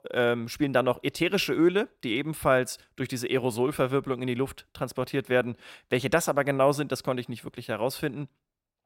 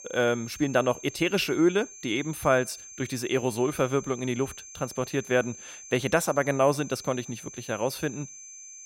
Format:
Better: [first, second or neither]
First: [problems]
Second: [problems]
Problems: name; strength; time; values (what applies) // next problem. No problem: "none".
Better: first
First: none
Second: high-pitched whine; noticeable; throughout; 6 kHz, 15 dB below the speech